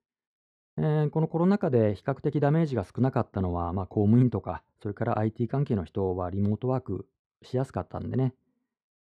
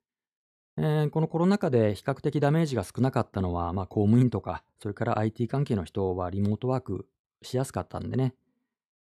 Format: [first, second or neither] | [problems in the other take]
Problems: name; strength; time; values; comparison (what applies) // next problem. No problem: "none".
second | muffled; slightly; fading above 1.5 kHz